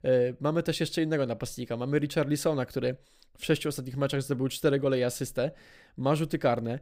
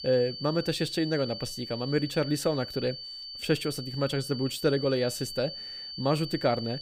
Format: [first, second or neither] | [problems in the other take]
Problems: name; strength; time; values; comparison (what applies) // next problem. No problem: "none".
first | high-pitched whine; loud; throughout; 4.5 kHz, 8 dB below the speech